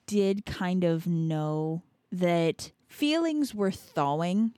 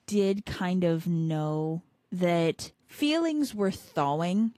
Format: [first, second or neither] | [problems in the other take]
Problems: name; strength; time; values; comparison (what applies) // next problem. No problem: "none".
first | garbled, watery; slightly; nothing above 14.5 kHz